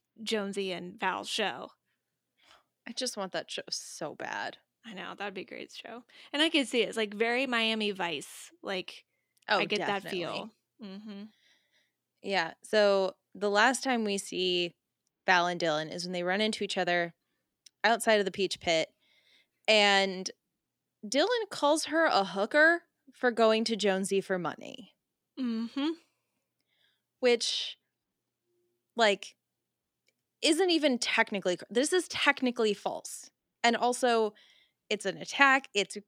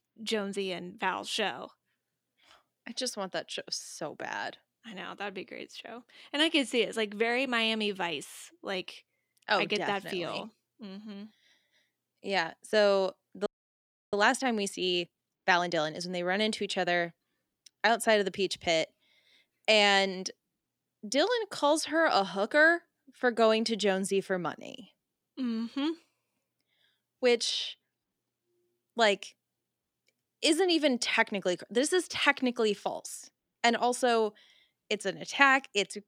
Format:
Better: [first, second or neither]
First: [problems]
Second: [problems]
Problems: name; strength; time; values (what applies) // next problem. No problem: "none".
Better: first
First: none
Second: audio freezing; at 13 s for 0.5 s